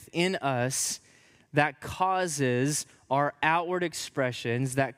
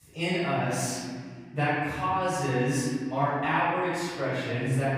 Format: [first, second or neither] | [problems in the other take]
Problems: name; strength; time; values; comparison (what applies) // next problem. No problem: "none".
first | off-mic speech; far // room echo; strong; dies away in 2 s